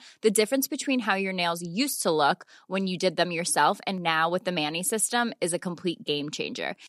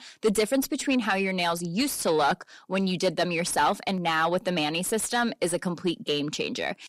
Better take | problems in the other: first | distortion; slight; 10 dB below the speech

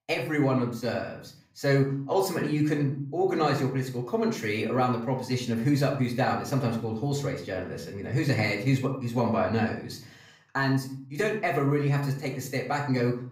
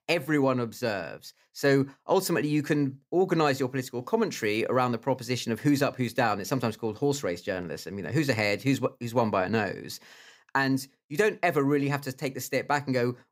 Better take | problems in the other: second | off-mic speech; far // room echo; slight; dies away in 0.6 s

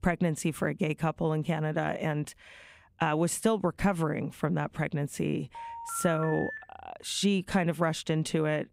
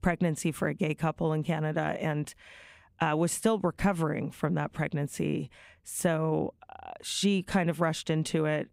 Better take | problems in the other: second | phone ringing; noticeable; from 5.5 to 6.5 s; peak 7 dB below the speech

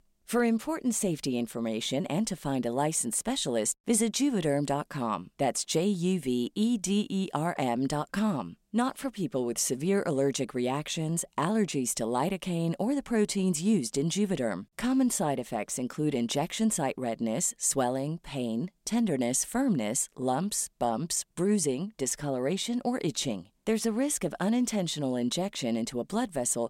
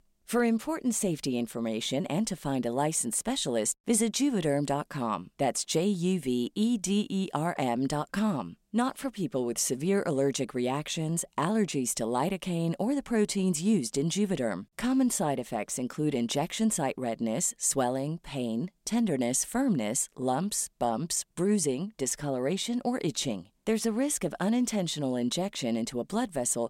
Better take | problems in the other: neither | none

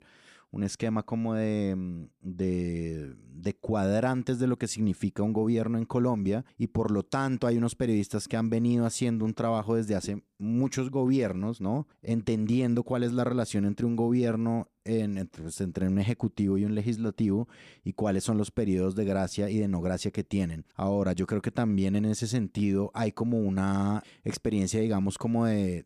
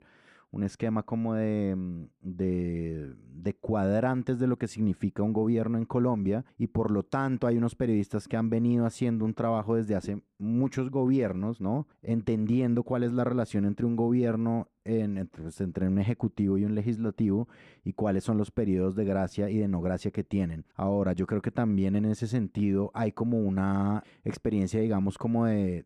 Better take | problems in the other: first | muffled; slightly; fading above 3 kHz

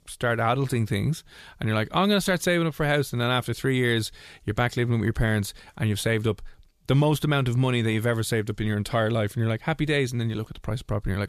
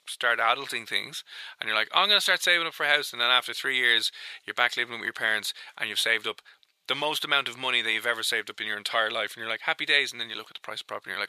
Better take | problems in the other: first | thin; very; fading below 650 Hz

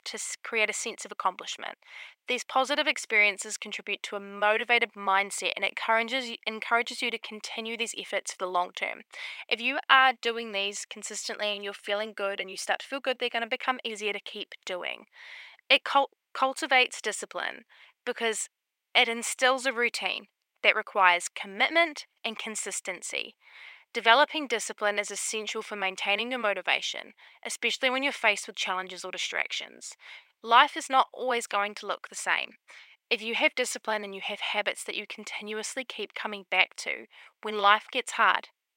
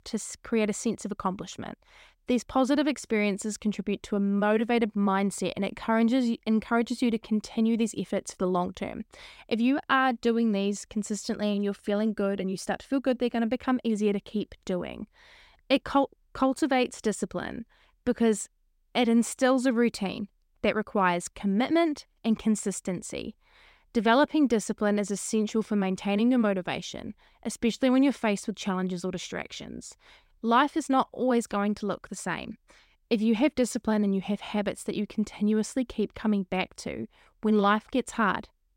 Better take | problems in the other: second | thin; very; fading below 800 Hz

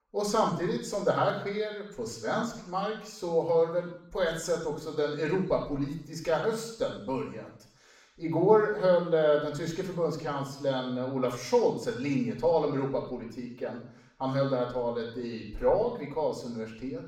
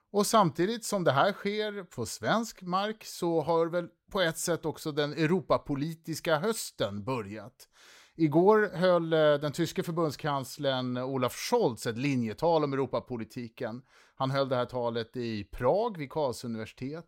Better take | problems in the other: second | room echo; noticeable; dies away in 0.7 s // off-mic speech; far

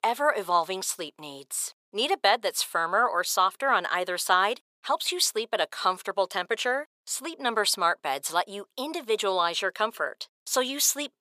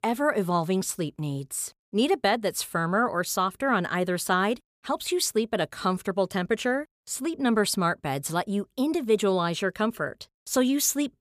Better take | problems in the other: second | thin; very; fading below 600 Hz

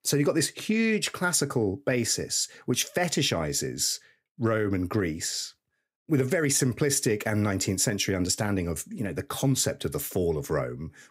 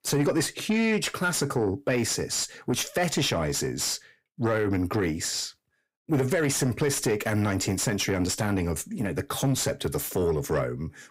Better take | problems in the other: first | distortion; slight; 10 dB below the speech

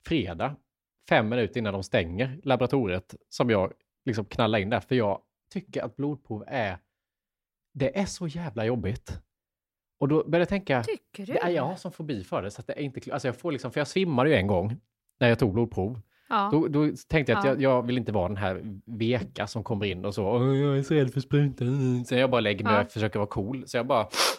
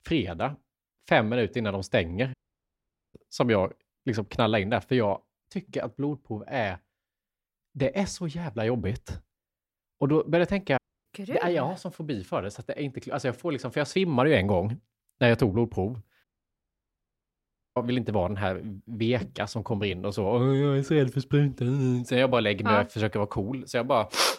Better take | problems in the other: first | audio cutting out; at 2.5 s for 1 s, at 11 s and at 16 s for 1.5 s

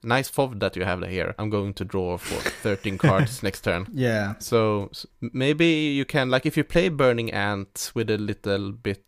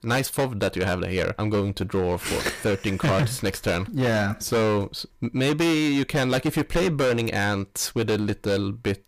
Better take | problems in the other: first | distortion; heavy; 15% of the sound clipped

